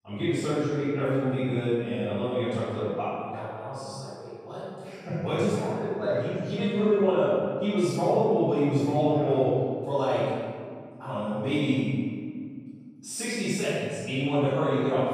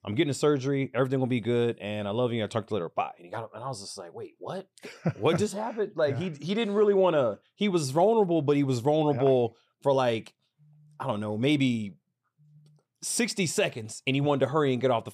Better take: second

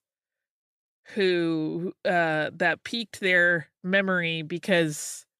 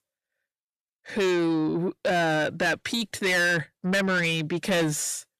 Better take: first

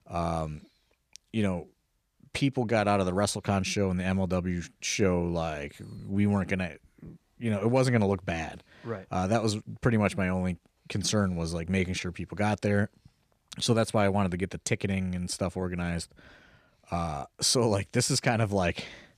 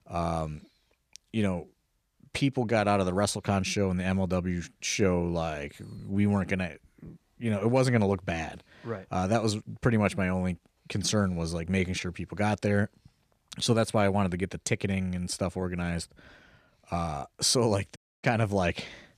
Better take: first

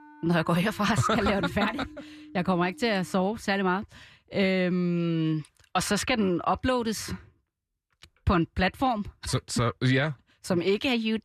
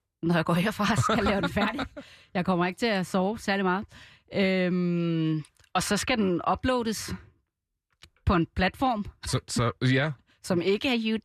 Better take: second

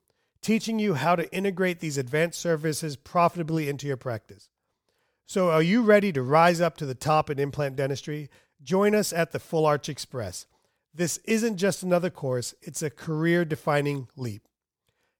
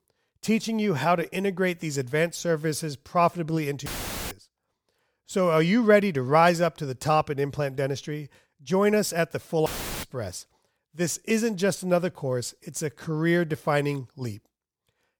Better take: first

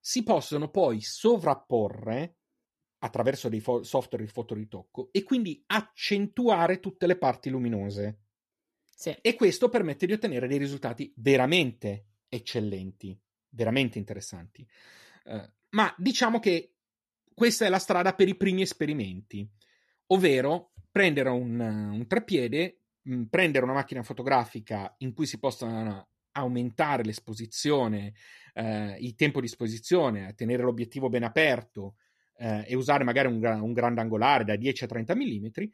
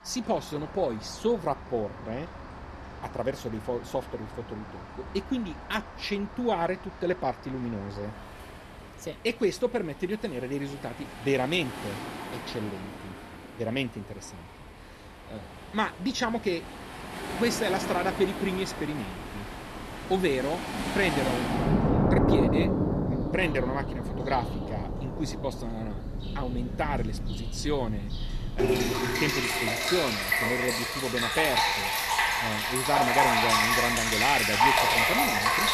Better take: first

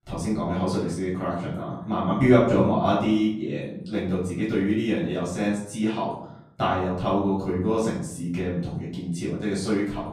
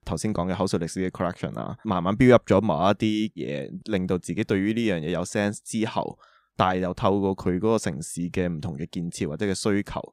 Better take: second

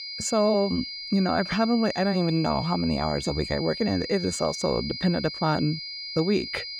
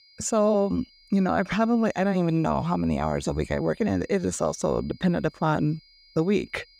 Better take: second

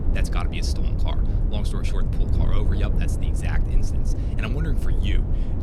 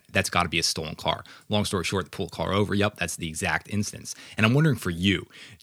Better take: second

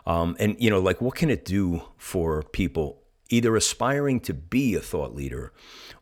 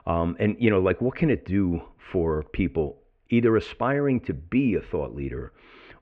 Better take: first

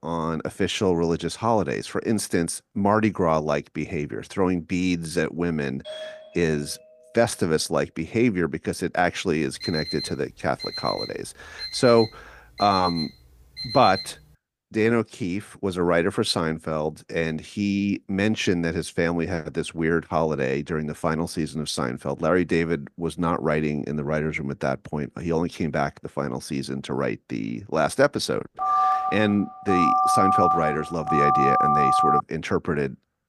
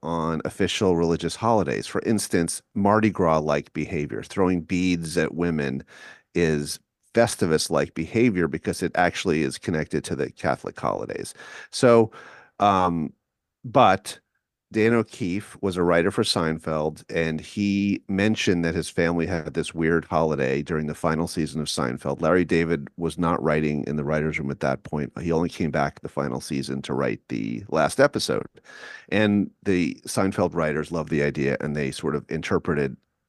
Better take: second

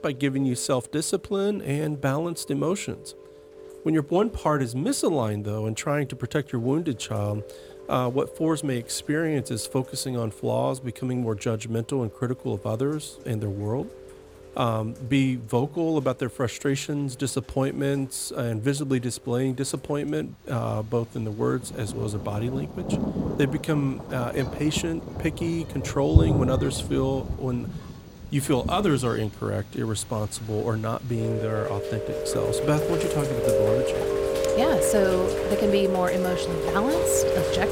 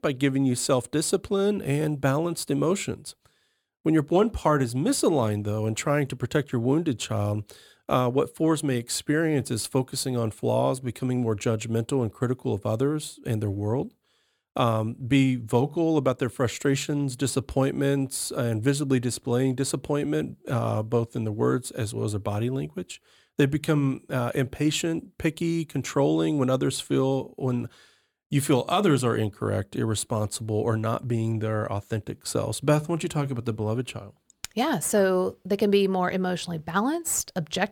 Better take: second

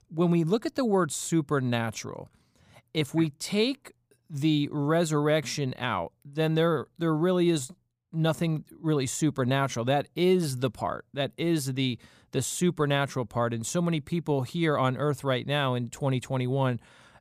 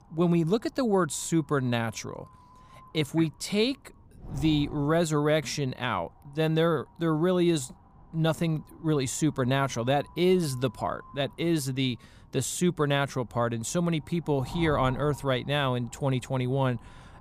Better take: first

